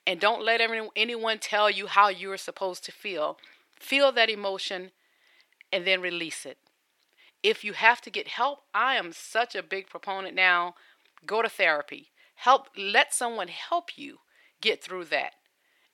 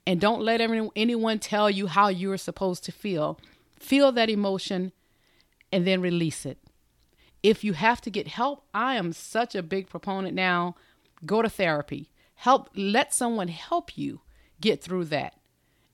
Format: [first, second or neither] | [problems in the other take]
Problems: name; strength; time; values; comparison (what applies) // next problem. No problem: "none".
second | thin; very; fading below 500 Hz